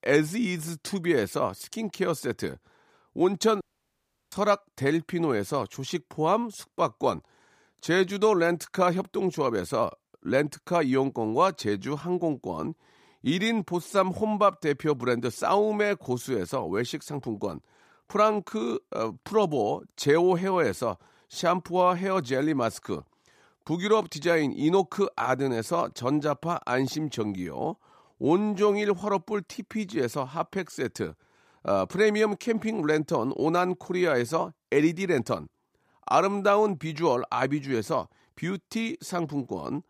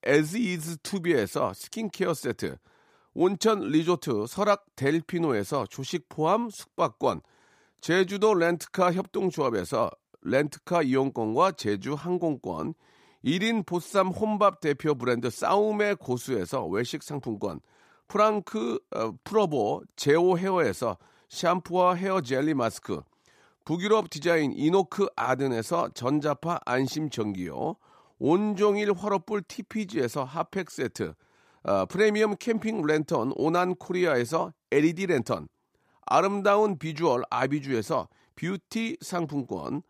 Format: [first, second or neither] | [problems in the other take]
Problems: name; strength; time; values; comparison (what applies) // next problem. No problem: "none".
second | audio cutting out; at 3.5 s for 0.5 s